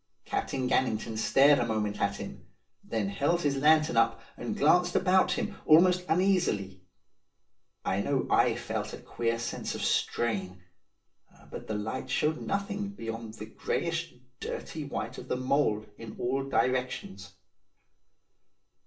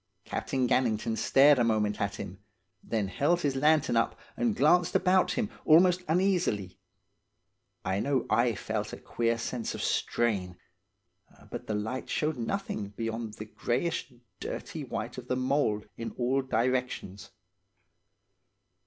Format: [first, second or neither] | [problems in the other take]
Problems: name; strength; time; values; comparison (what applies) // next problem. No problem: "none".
second | room echo; dies away in 0.3 s